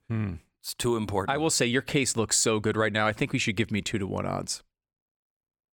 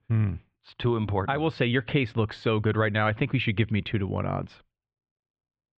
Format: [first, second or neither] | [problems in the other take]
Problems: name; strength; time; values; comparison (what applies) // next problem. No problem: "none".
first | muffled; very; fading above 3.5 kHz